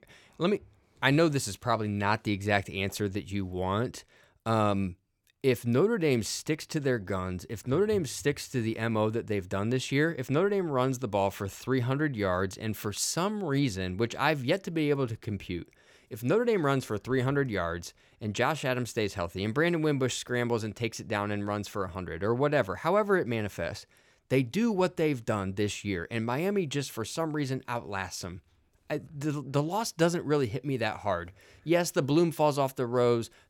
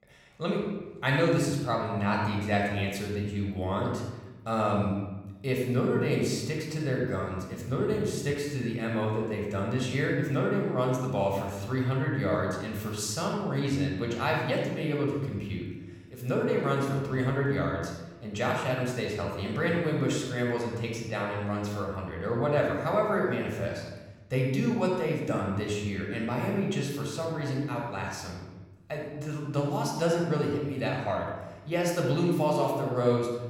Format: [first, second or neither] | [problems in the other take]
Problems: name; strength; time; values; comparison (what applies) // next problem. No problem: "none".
first | off-mic speech; somewhat distant // room echo; noticeable; dies away in 1 s